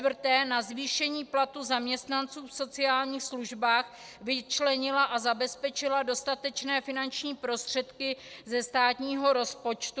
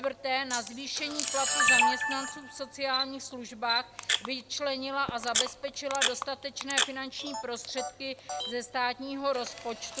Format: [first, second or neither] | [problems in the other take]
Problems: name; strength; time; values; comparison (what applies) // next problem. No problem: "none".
first | background sound (Rattle (instrument) + Camera); 1 dB above the speech